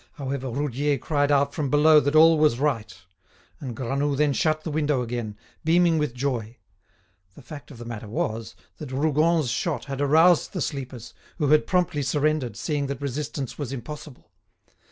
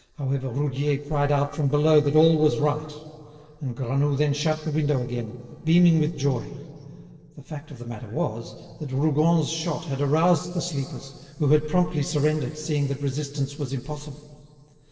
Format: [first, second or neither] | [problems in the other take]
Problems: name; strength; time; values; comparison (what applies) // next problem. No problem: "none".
first | noise reduction (neural separator model SepFormer DNS4)